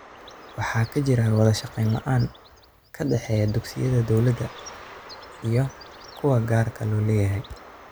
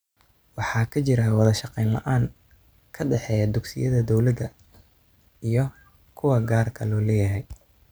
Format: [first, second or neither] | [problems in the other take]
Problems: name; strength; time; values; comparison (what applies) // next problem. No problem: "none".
second | background sound (Bird); 20 dB below the speech